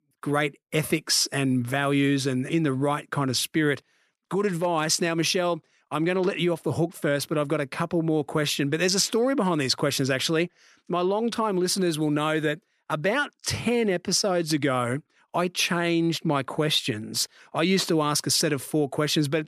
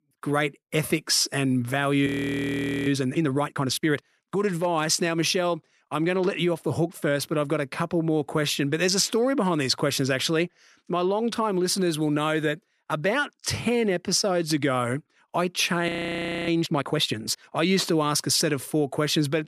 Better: first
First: none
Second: audio freezing; at 2 s for 1 s and at 16 s for 0.5 s

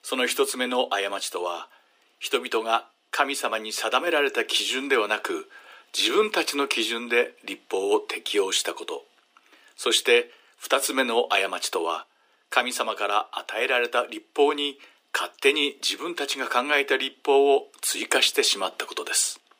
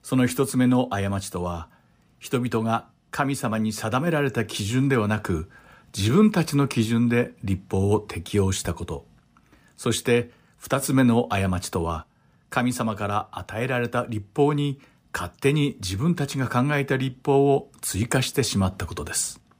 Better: second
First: thin; very; fading below 350 Hz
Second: none

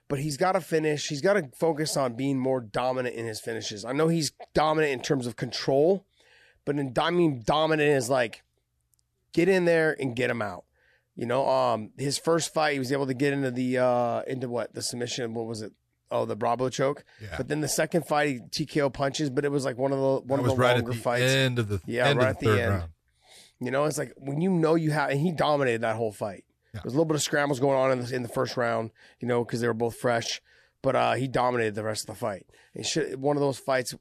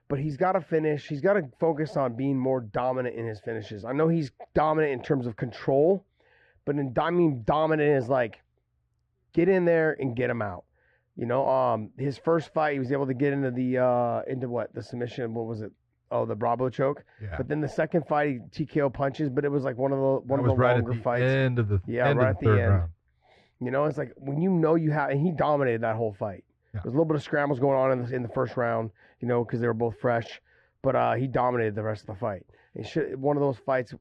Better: first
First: none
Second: muffled; very; fading above 2 kHz

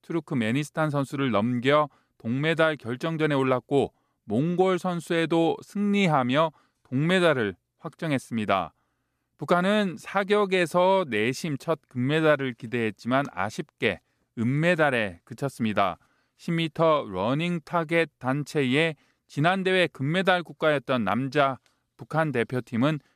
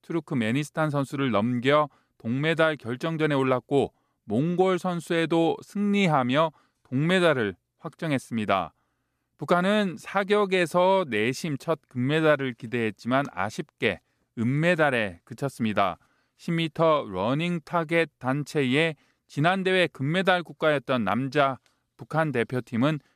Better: neither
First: none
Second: none

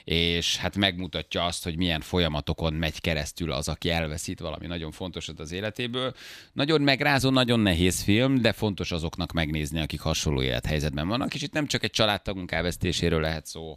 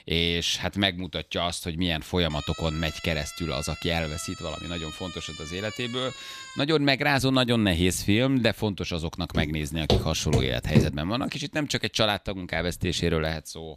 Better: first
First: none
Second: siren; faint; from 2.5 to 6.5 s; peak 10 dB below the speech // footsteps; loud; from 9.5 to 11 s; peak 2 dB above the speech

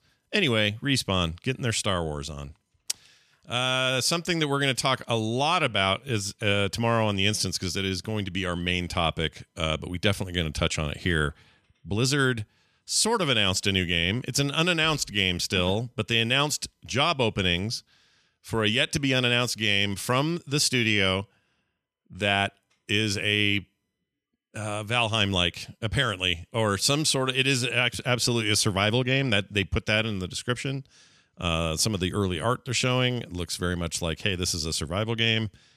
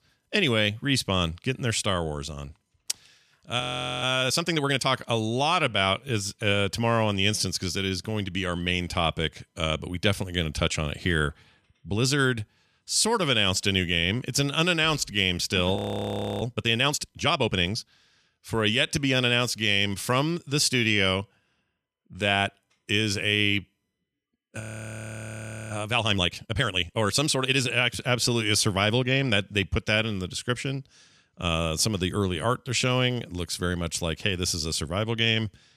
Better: first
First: none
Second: audio freezing; at 3.5 s, at 16 s for 0.5 s and at 25 s for 1 s

